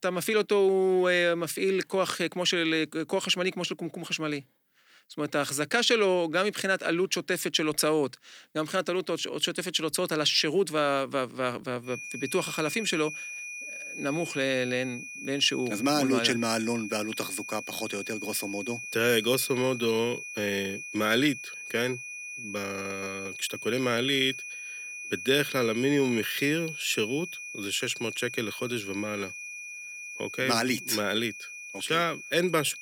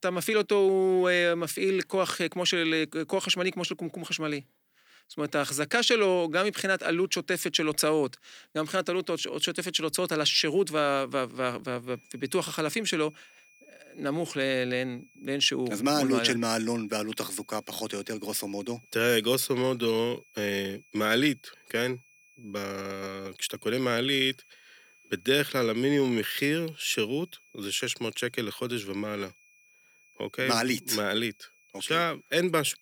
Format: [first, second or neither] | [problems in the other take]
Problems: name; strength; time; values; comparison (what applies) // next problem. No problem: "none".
second | high-pitched whine; loud; from 12 s on; 2.5 kHz, 10 dB below the speech; faint in the second